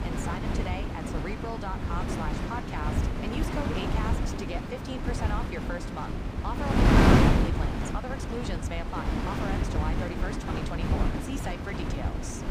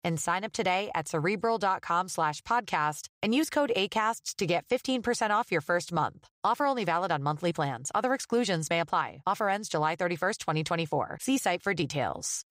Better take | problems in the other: second | wind noise on the microphone; heavy; 4 dB above the speech

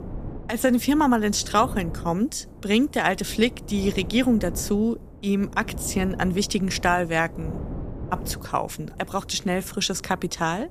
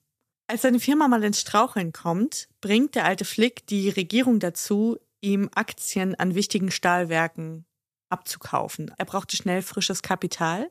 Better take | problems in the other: second | wind noise on the microphone; occasional gusts; 20 dB below the speech

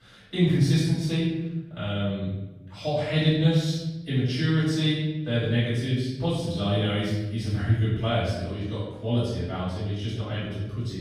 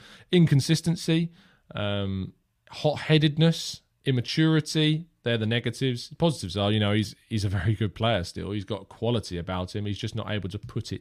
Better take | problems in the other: second | off-mic speech; far // room echo; strong; dies away in 1.1 s

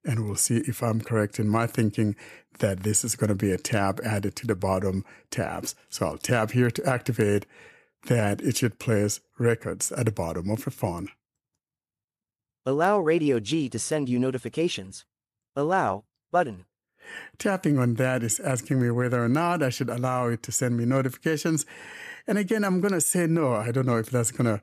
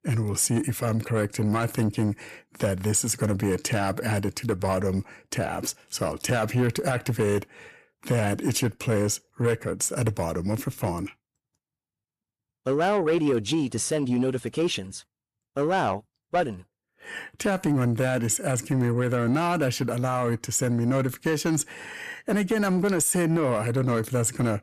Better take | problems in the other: first | distortion; slight; 10 dB below the speech

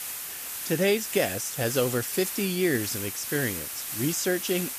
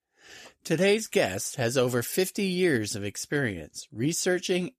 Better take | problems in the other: second | hiss; loud; throughout; 5 dB below the speech

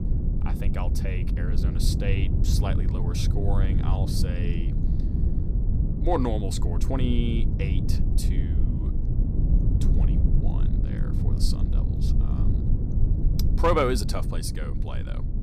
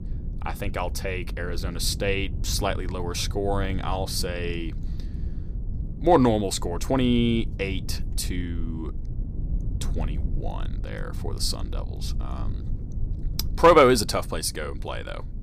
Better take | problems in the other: second | low rumble; loud; throughout; 7 dB below the speech; faint in the second

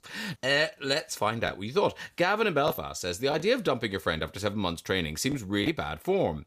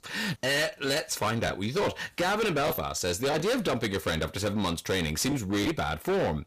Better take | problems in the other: first | distortion; heavy; 21% of the sound clipped

